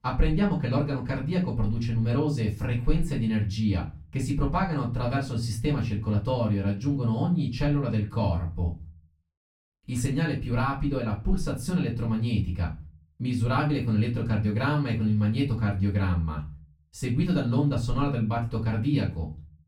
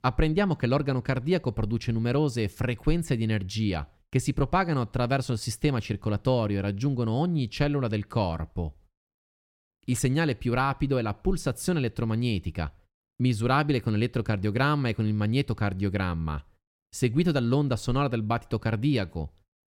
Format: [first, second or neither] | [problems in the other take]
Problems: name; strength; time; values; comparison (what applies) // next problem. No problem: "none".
second | room echo; slight; dies away in 0.3 s // off-mic speech; far